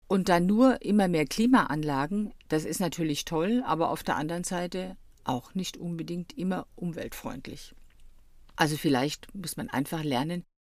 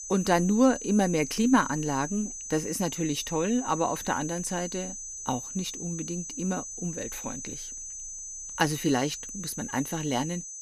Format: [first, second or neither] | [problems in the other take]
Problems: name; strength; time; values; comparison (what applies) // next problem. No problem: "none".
first | high-pitched whine; loud; throughout; 6 kHz, 8 dB below the speech